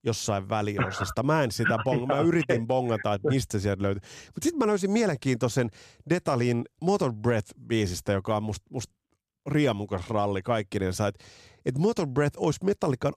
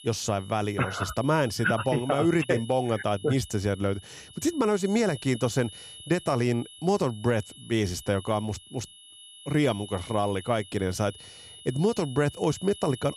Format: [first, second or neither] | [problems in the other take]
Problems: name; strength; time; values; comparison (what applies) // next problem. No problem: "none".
first | high-pitched whine; noticeable; throughout; 3 kHz, 15 dB below the speech